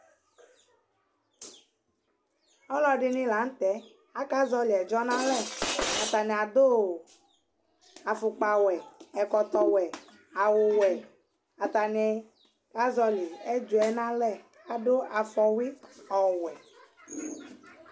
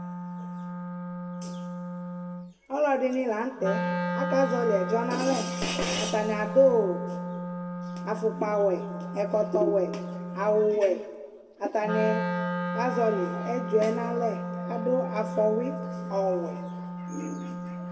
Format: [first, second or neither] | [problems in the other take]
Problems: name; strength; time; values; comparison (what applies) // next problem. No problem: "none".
first | background sound (Wind instrument, woodwind instrument); 5 dB below the speech // room echo; dies away in 1.2 s